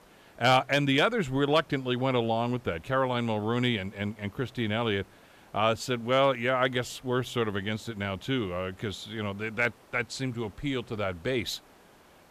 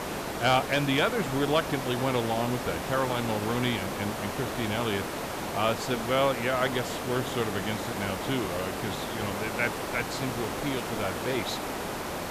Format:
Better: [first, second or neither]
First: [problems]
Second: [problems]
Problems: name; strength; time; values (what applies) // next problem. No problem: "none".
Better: first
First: hiss; faint; throughout; 30 dB below the speech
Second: hiss; loud; throughout; 3 dB below the speech